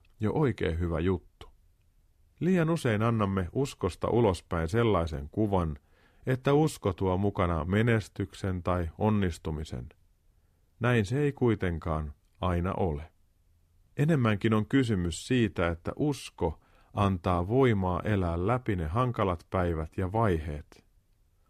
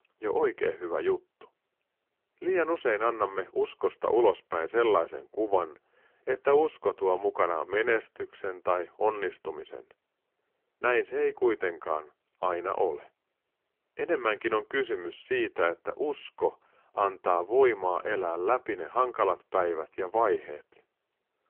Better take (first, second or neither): first